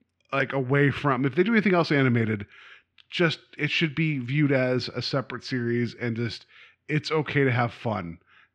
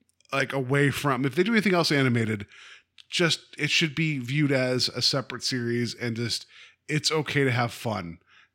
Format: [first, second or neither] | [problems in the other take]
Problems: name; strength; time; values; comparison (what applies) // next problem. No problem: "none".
second | muffled; slightly; fading above 2.5 kHz